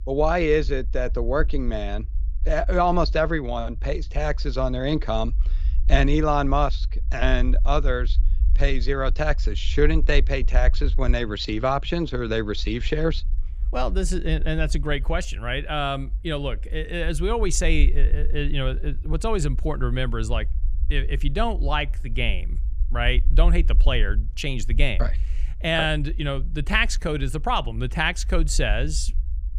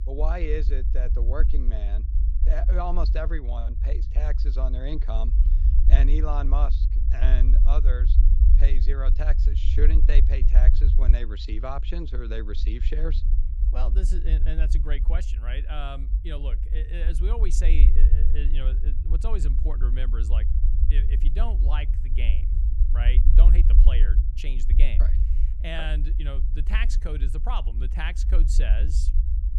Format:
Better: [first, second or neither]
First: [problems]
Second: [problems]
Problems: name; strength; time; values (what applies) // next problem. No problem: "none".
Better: first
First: low rumble; faint; throughout; 25 dB below the speech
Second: low rumble; loud; throughout; 8 dB below the speech